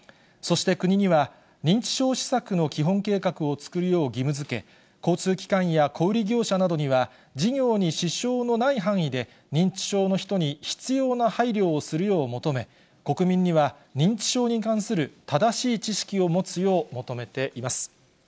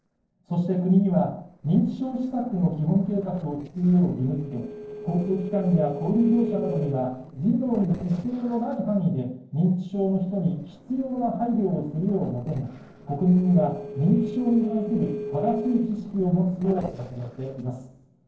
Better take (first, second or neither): first